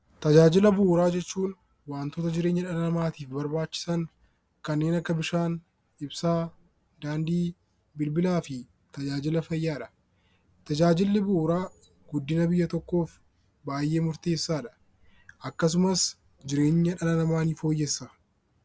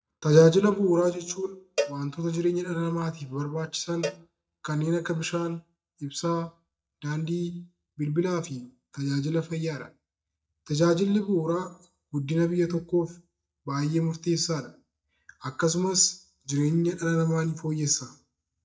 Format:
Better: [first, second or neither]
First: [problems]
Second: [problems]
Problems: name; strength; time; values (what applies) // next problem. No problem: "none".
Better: first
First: none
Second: noise reduction (neural mask model DeepFilterNet 3)